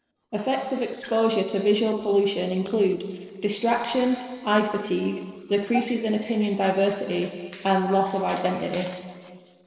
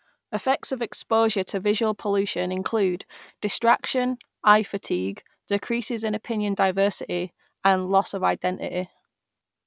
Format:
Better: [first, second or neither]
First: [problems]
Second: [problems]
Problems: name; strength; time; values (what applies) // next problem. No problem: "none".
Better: second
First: noise reduction (neural separator model SepFormer DNS4)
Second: none